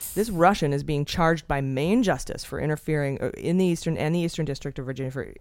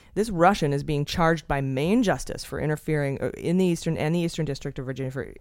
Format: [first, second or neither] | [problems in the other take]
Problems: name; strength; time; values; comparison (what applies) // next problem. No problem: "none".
second | jangling keys; noticeable; at the start; peak 10 dB below the speech